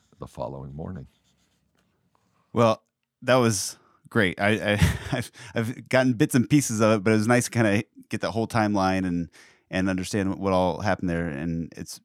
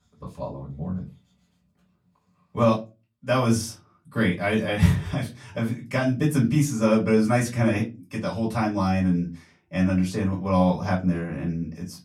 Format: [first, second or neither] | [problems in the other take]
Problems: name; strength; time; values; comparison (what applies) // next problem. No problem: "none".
first | off-mic speech; far // room echo; very slight; dies away in 0.2 s